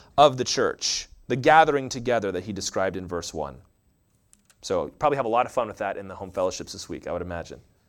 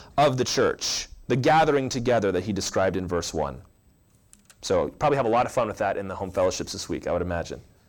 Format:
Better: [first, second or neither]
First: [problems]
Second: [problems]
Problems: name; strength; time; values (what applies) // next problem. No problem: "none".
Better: first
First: none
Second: distortion; heavy; 7 dB below the speech